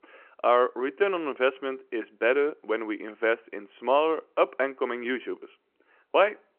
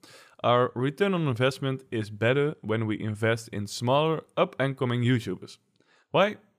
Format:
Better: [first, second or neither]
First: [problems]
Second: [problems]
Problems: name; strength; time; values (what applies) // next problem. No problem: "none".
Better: second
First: phone-call audio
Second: none